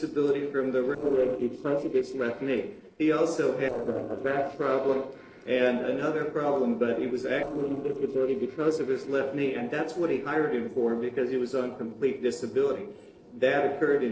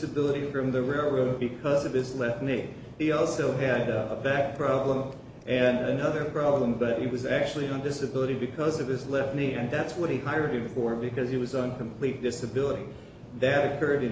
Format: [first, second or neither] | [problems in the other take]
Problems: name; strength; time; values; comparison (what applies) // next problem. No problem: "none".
second | noise reduction (neural separator model SepFormer DNS4)